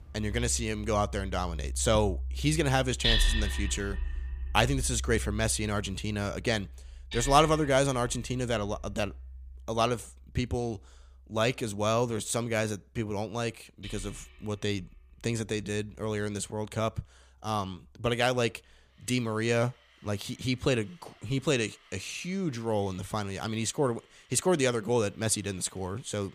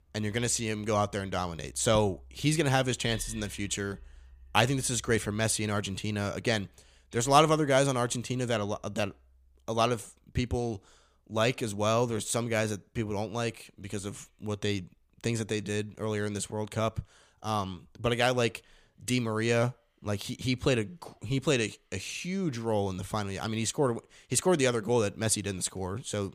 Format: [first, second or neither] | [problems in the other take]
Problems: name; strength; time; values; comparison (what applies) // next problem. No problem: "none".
second | machinery noise; loud; throughout; 7 dB below the speech; faint in the second